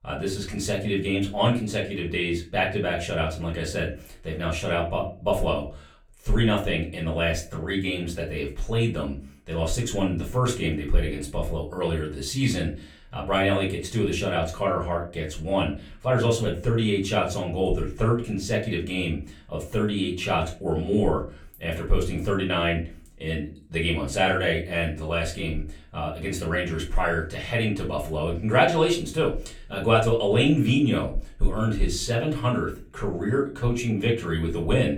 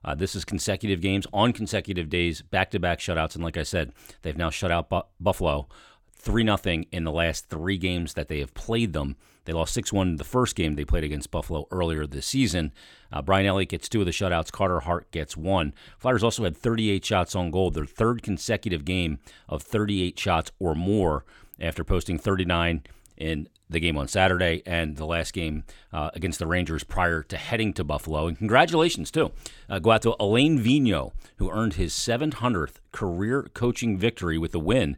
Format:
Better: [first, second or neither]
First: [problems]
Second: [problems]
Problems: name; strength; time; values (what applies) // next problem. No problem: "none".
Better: second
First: off-mic speech; far // room echo; very slight; dies away in 0.3 s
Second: none